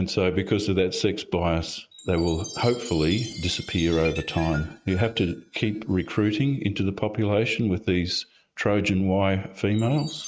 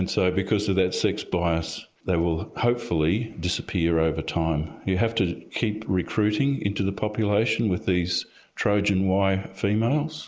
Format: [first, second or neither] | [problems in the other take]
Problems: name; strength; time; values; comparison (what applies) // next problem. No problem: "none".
second | noise reduction (neural mask model RNNoise)